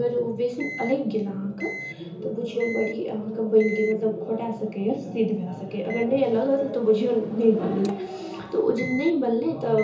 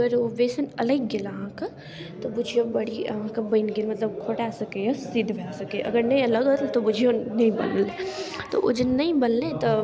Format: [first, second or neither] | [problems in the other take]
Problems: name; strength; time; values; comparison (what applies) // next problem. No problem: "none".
second | background sound (Microwave oven); 16 dB below the speech // room echo; dies away in 0.7 s